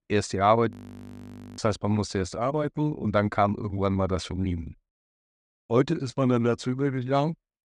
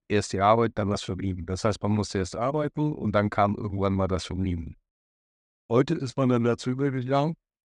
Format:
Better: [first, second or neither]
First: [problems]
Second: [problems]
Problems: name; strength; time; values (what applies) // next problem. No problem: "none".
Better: second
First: audio freezing; at 0.5 s for 1 s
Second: none